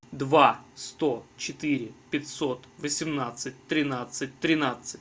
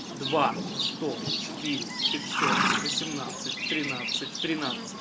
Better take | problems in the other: first | background sound (Livestock, farm animals, working animals); 3 dB above the speech

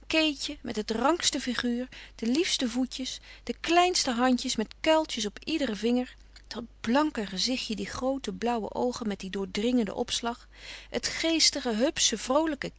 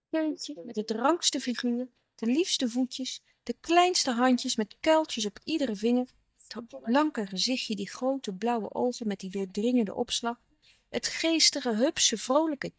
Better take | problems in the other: first | noise reduction (neural mask model DeepFilterNet 3)

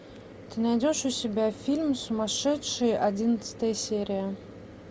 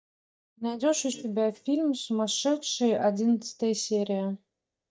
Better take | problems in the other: first | noise reduction (neural mask model DeepFilterNet 3)

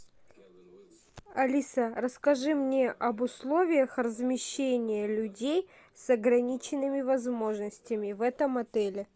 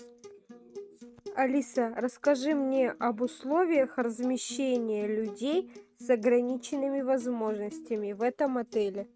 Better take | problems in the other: first | noise reduction (neural mask model RNNoise)

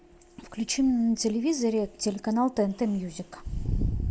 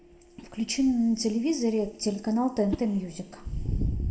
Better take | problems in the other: first | background sound (Whoosh, swoosh, swish); 15 dB below the speech // room echo; dies away in 1.5 s

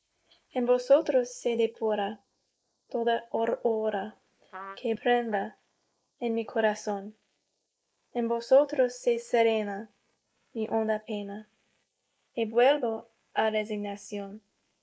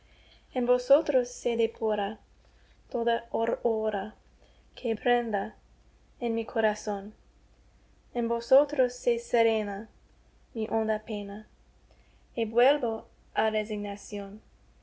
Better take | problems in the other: second | noise reduction (neural mask model Resemble Enhance denoiser)

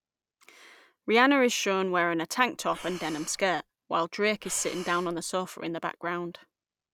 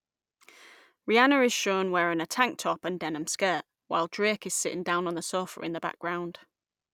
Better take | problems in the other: second | background sound (Breathing); 18 dB below the speech

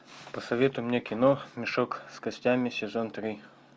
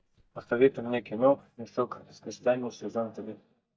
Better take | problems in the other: first | noise reduction (neural mask model DeepFilterNet 3)

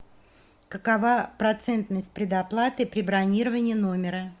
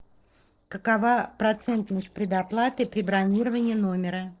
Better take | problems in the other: first | noise reduction (neural separator model SepFormer DNS4)

